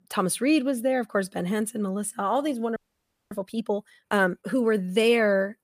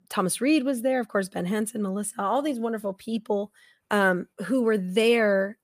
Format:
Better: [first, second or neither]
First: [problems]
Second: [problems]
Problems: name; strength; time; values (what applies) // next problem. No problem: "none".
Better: second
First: audio freezing; at 3 s for 0.5 s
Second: none